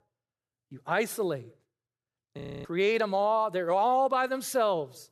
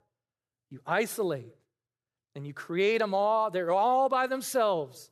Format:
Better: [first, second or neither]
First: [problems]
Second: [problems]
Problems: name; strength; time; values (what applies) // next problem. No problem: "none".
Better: second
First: audio freezing; at 2.5 s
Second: none